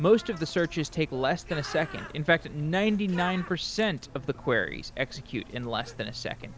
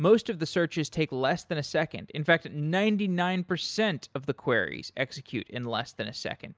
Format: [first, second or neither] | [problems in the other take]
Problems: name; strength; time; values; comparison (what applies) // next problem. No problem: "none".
second | background sound (Bird); 15 dB below the speech